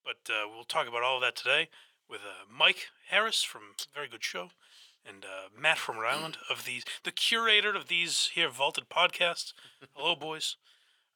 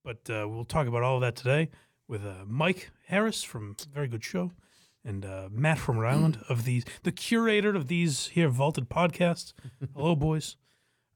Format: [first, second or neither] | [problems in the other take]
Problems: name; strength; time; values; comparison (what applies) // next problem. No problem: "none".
second | thin; very; fading below 650 Hz